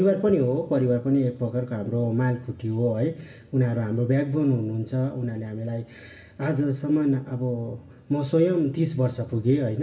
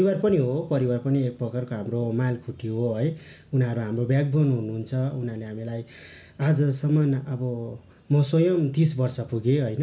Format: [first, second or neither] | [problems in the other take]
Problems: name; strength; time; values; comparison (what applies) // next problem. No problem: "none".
second | room echo; dies away in 2.7 s